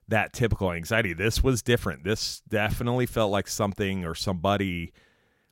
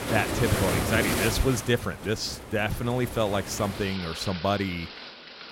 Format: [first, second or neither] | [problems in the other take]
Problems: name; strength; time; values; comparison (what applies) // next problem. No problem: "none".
first | rain or running water; loud; throughout; 4 dB below the speech